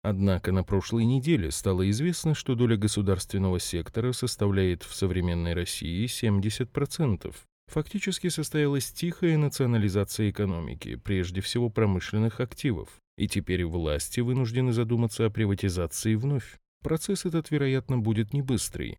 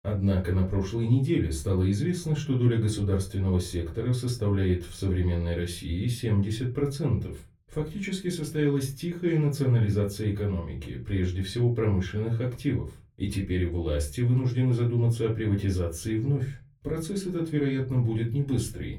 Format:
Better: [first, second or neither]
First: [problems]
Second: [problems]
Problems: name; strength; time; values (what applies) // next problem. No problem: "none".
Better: first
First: none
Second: off-mic speech; far // room echo; very slight; dies away in 0.3 s